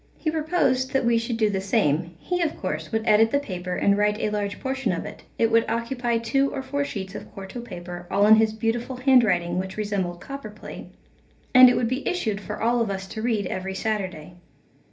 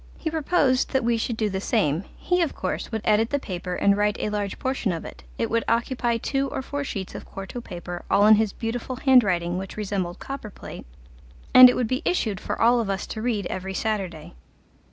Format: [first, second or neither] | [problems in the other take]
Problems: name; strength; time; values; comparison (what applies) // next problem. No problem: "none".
second | room echo; dies away in 0.3 s